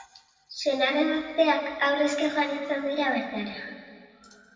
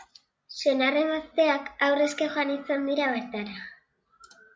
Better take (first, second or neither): second